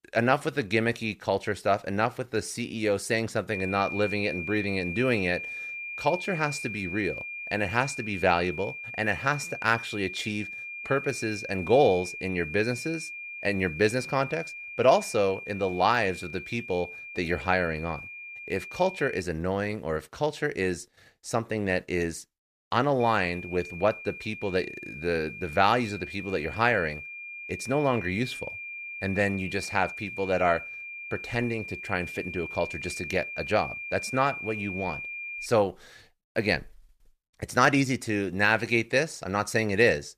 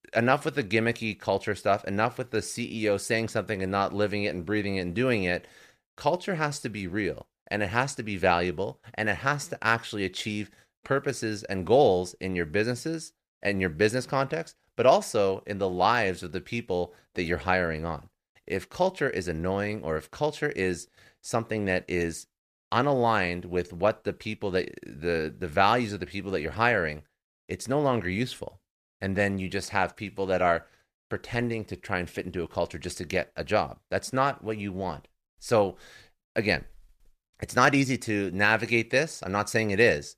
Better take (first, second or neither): second